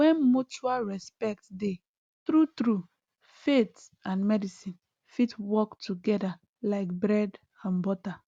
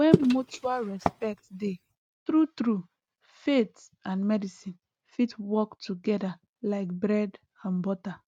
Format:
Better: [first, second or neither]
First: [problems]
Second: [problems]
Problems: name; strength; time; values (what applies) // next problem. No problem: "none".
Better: first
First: none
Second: noise reduction (neural mask model RNNoise)